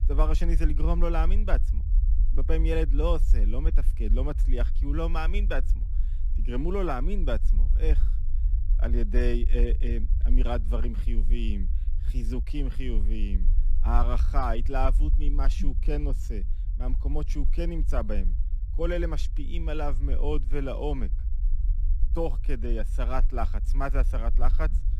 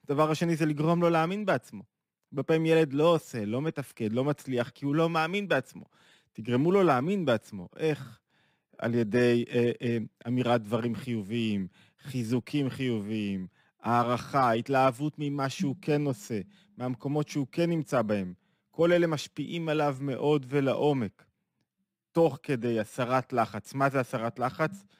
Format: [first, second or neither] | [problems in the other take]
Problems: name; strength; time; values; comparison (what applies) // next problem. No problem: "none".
second | low rumble; noticeable; throughout; 15 dB below the speech